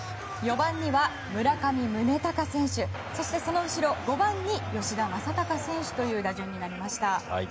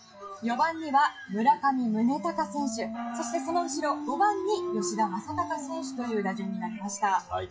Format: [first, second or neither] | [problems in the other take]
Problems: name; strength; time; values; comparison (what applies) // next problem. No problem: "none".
first | noise reduction (classical method WPE with log-MMSE)